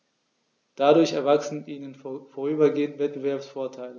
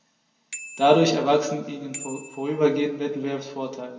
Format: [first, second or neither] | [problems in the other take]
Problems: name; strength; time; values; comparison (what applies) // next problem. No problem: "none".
first | background sound (Bicycle bell); 18 dB below the speech // room echo; dies away in 1.8 s